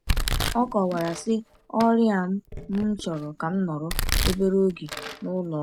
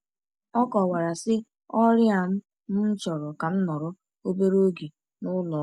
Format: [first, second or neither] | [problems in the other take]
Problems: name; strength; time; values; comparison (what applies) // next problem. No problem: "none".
second | background sound (Domestic sounds, home sounds); 5 dB below the speech